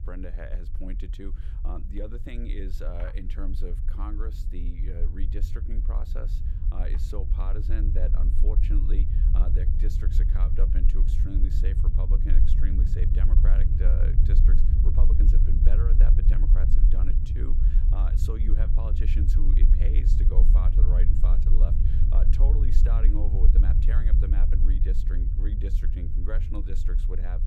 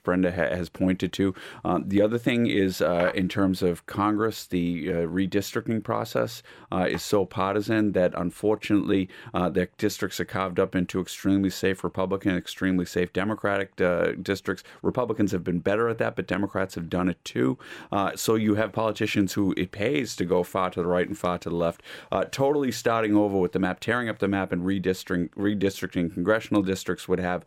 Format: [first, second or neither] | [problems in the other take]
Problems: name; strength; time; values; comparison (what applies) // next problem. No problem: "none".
second | low rumble; loud; throughout; 1 dB below the speech